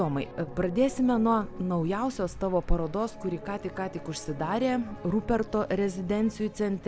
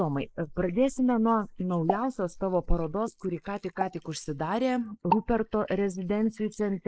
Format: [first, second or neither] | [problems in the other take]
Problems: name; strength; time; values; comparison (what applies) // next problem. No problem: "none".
first | noise reduction (neural mask model Resemble Enhance denoiser)